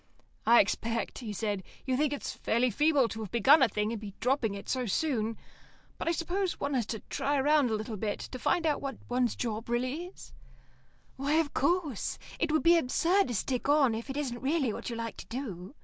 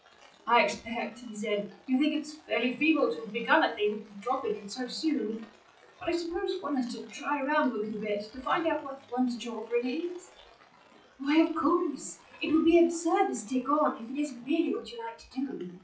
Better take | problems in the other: first | noise reduction (classical method WPE with log-MMSE)

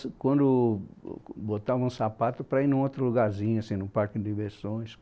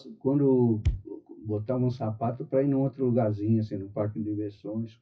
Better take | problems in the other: first | noise reduction (classical method WPE with log-MMSE)

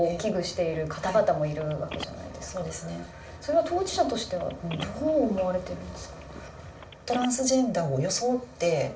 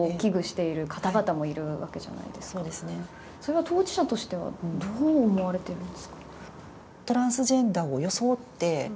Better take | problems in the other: second | background sound (Telephone); 18 dB below the speech // room echo; dies away in 0.4 s

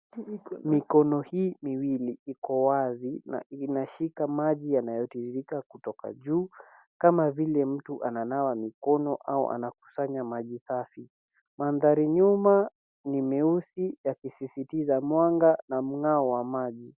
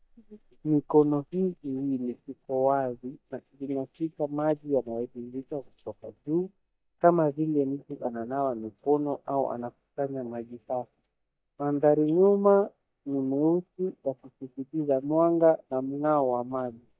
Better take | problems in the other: first | noise reduction (neural mask model DeepFilterNet 3)

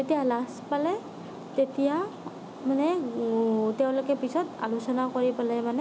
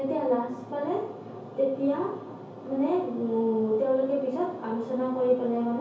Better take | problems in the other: first | room echo; dies away in 0.6 s

